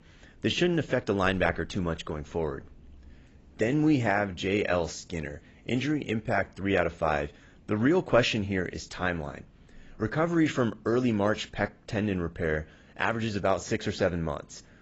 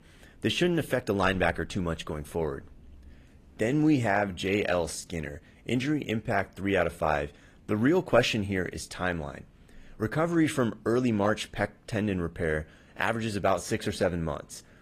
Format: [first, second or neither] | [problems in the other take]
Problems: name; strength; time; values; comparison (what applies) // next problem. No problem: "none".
second | garbled, watery; badly; nothing above 7.5 kHz; slightly in the second